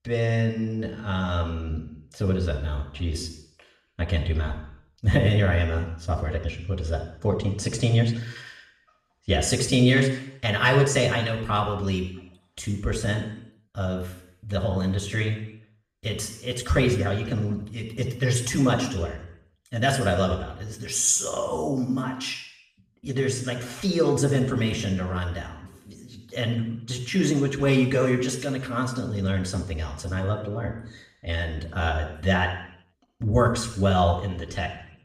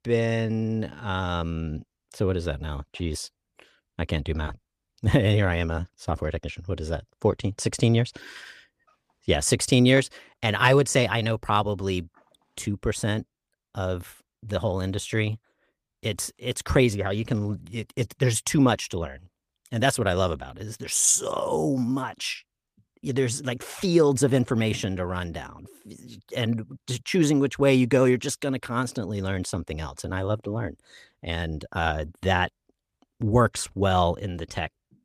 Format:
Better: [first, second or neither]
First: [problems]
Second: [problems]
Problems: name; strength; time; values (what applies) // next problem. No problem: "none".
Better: second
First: room echo; noticeable; dies away in 0.7 s // off-mic speech; somewhat distant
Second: none